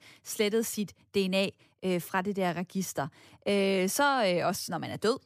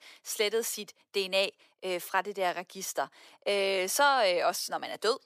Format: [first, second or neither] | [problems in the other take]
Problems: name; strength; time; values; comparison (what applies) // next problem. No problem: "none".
first | thin; very; fading below 550 Hz